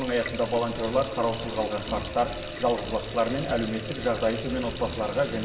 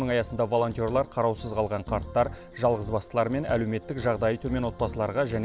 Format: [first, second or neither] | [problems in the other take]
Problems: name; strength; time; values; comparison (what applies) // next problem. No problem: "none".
second | background sound (Water tap, faucet); 11 dB below the speech // room echo; dies away in 2.9 s